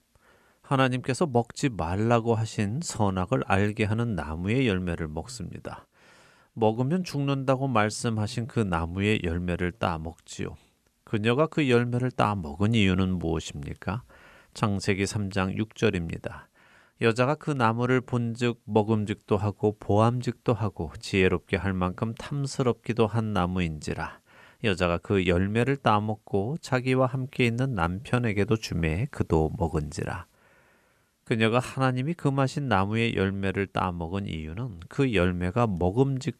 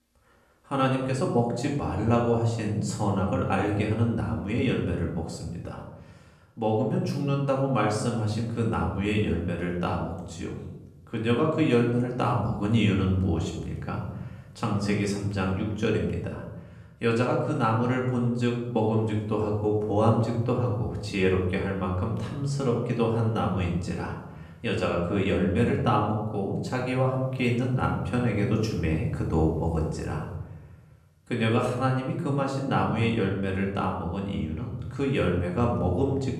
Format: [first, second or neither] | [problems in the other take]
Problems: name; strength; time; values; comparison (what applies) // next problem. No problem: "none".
first | off-mic speech; far // room echo; noticeable; dies away in 1.1 s